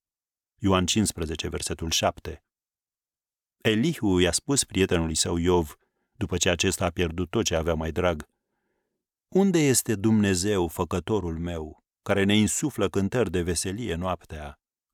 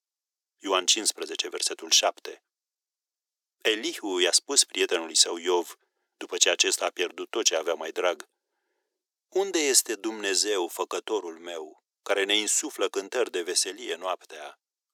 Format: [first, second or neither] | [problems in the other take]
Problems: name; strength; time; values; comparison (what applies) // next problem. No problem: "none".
first | thin; very; fading below 350 Hz